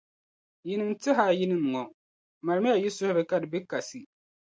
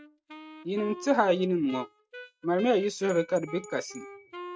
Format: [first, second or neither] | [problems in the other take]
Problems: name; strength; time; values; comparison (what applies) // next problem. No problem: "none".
first | noise reduction (neural mask model RNNoise)